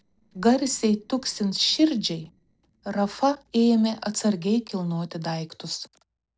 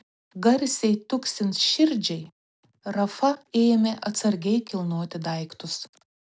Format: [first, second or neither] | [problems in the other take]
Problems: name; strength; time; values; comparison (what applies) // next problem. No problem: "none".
second | noise reduction (neural separator model SepFormer DNS4)